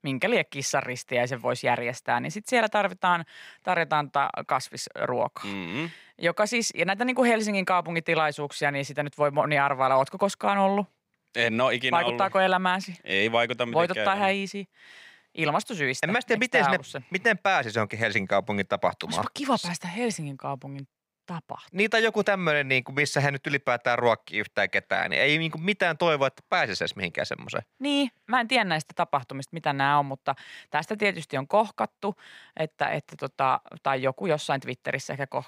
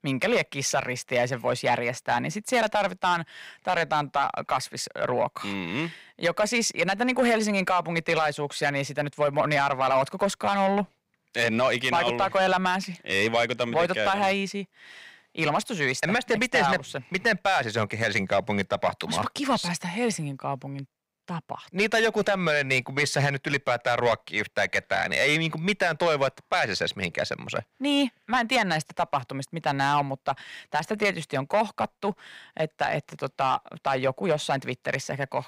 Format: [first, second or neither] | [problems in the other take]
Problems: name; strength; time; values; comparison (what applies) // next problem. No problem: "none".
first | distortion; slight; 10 dB below the speech